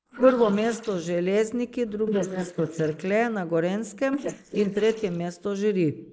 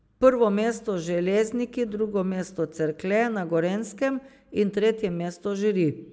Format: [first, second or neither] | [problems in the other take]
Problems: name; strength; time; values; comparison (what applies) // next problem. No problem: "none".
second | noise reduction (neural mask model Resemble Enhance denoiser)